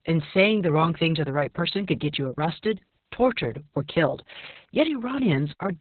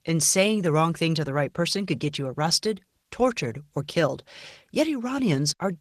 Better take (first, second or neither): second